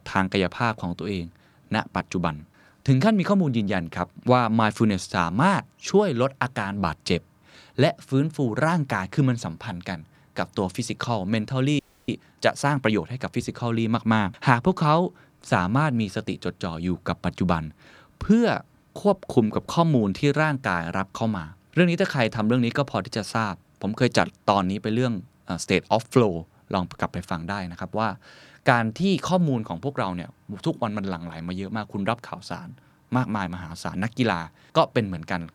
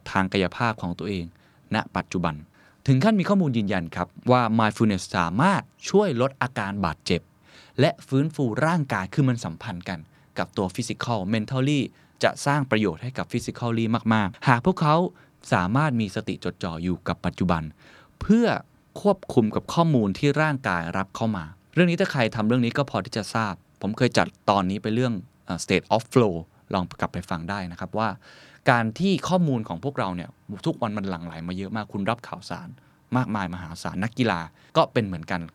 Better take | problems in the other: second | audio freezing; at 12 s

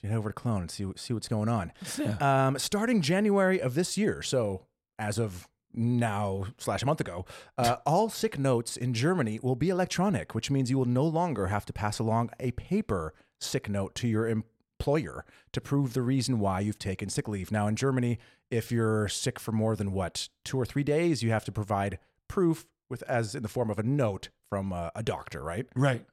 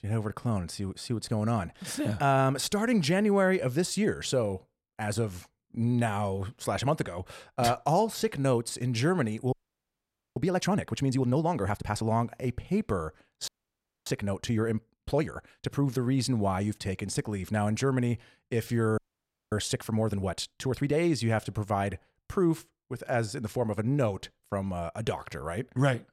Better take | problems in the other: first | audio freezing; at 9.5 s for 1 s, at 13 s for 0.5 s and at 19 s for 0.5 s

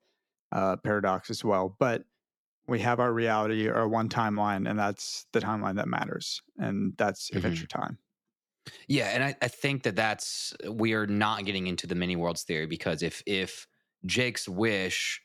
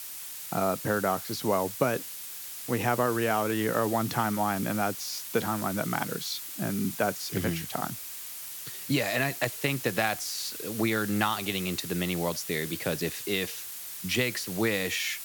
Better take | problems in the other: first | hiss; loud; throughout; 7 dB below the speech

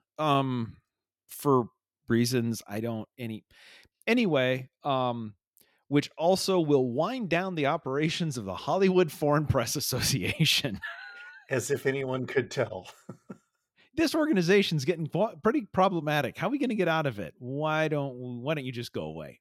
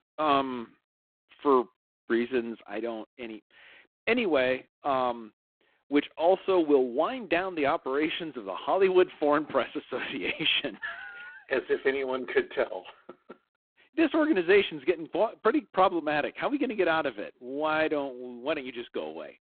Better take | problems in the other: first | phone-call audio; poor line

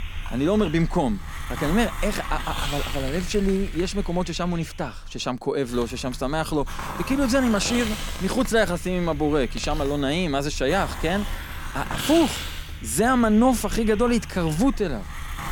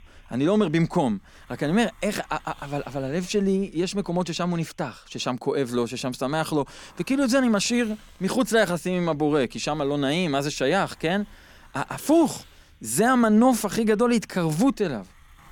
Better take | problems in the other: second | hiss; loud; throughout; 10 dB below the speech; faint in the second

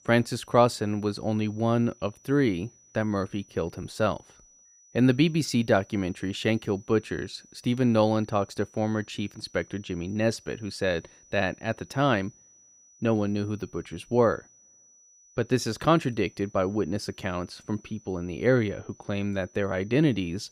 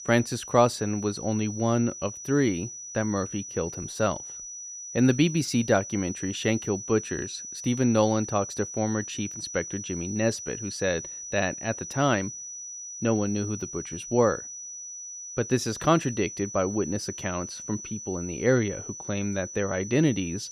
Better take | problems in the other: first | high-pitched whine; loud; throughout; 6 kHz, 9 dB below the speech; faint in the first

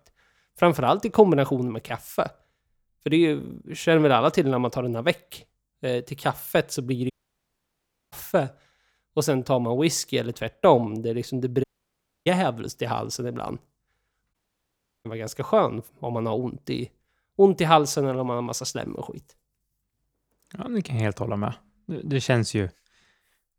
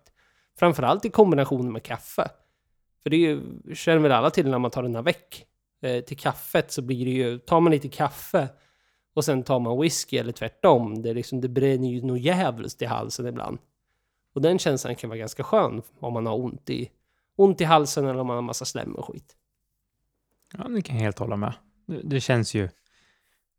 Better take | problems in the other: second | audio cutting out; at 7 s for 1 s, at 12 s for 0.5 s and at 14 s for 0.5 s

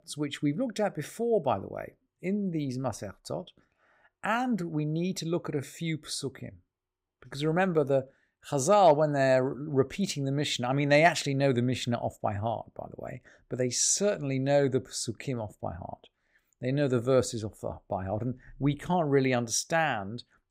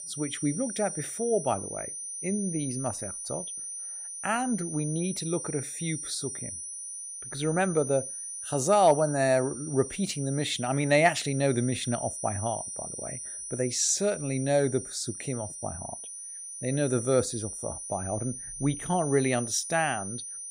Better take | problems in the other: first | high-pitched whine; loud; throughout; 9.5 kHz, 7 dB below the speech

